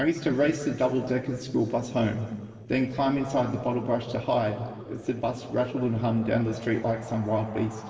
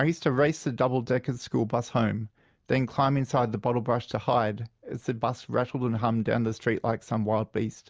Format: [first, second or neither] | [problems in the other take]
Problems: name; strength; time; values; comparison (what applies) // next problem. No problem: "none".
second | noise reduction (neural separator model SepFormer DNS4)